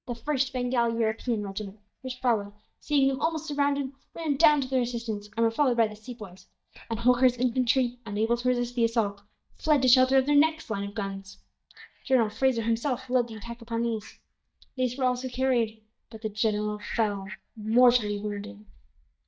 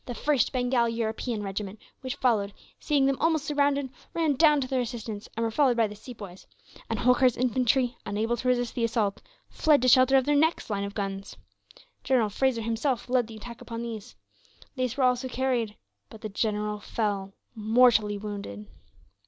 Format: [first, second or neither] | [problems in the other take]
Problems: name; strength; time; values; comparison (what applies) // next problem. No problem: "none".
second | noise reduction (neural mask model DeepFilterNet 3)